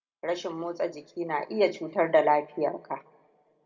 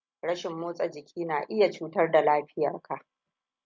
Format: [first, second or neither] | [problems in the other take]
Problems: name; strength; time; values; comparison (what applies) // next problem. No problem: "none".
second | room echo; dies away in 0.8 s